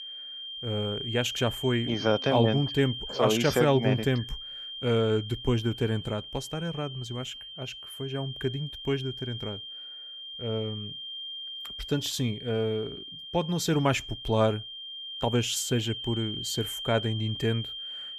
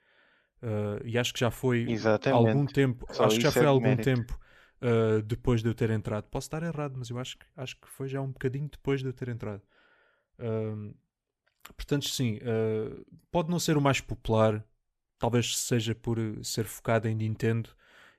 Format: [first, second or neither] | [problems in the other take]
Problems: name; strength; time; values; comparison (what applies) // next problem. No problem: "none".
second | high-pitched whine; loud; throughout; 3 kHz, 8 dB below the speech